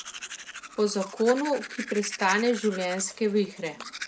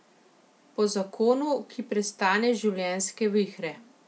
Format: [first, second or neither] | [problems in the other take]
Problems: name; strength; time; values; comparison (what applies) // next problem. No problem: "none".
second | background sound (Domestic sounds, home sounds); 12 dB below the speech